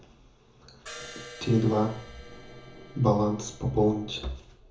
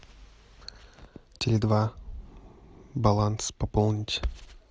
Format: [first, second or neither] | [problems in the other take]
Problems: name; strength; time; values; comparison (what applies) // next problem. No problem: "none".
second | background sound (Crash cymbal); 17 dB below the speech // room echo; dies away in 0.6 s